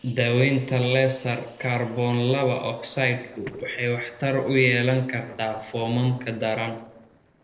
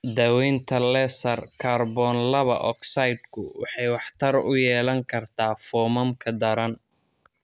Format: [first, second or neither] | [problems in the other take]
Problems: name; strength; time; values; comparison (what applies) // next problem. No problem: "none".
second | noise reduction (neural separator model SepFormer DNS4)